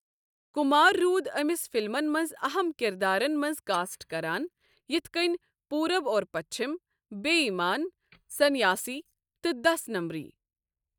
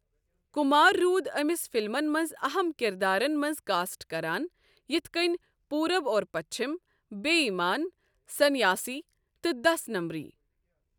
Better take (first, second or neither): second